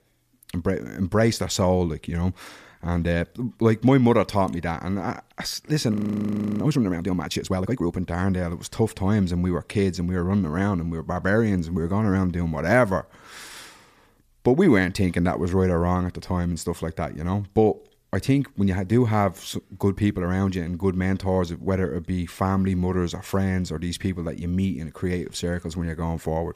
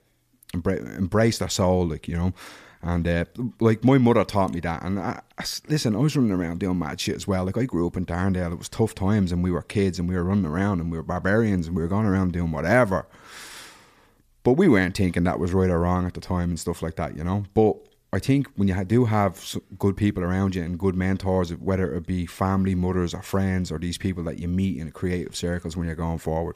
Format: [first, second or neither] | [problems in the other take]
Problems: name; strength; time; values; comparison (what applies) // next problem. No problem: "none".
second | audio freezing; at 6 s for 0.5 s